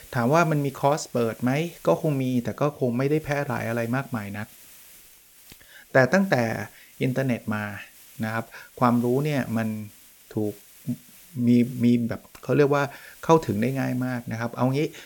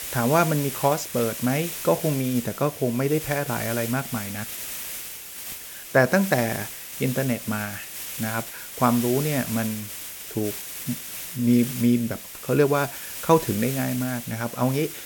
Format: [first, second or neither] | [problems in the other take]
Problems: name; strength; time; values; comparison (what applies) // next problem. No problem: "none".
first | hiss; loud; throughout; 8 dB below the speech; faint in the first